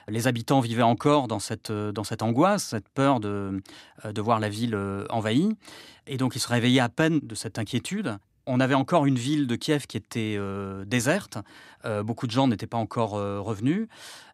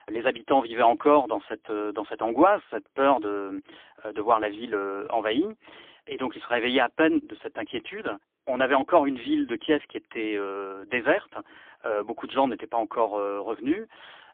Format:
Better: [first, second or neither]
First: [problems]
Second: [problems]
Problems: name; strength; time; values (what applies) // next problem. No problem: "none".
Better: first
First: none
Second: phone-call audio; poor line; nothing above 3.5 kHz